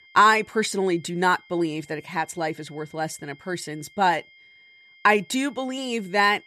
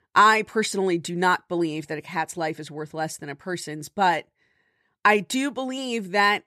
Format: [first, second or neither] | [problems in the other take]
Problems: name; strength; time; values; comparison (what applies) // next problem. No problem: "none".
second | high-pitched whine; faint; throughout; 2 kHz, 25 dB below the speech